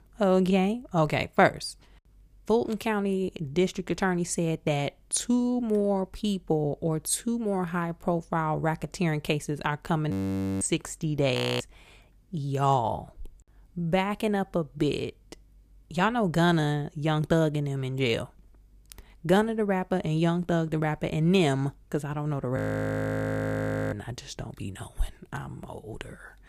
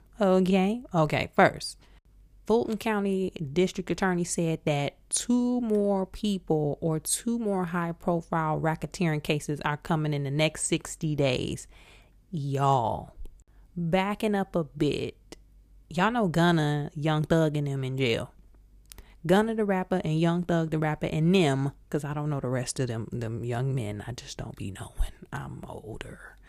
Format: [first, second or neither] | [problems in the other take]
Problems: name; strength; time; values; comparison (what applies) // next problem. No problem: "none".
second | audio freezing; at 10 s for 0.5 s, at 11 s and at 23 s for 1.5 s